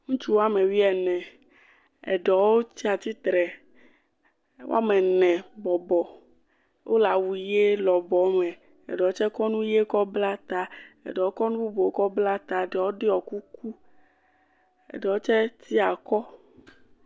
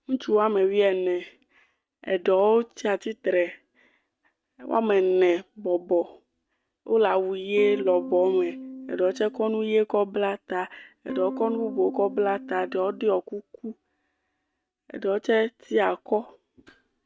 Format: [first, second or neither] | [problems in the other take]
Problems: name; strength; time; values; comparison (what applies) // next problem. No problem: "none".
first | noise reduction (neural mask model RNNoise)